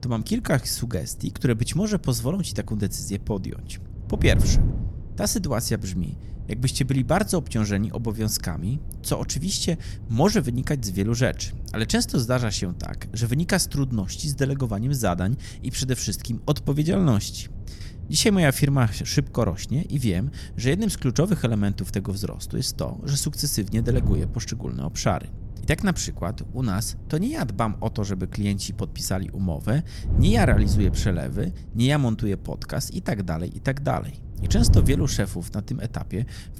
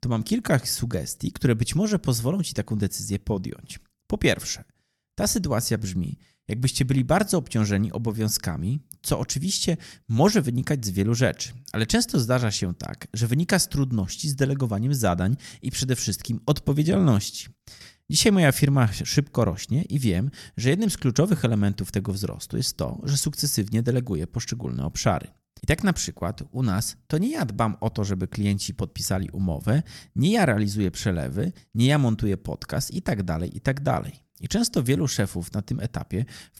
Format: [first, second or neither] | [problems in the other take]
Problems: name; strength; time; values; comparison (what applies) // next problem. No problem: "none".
second | wind noise on the microphone; occasional gusts; 15 dB below the speech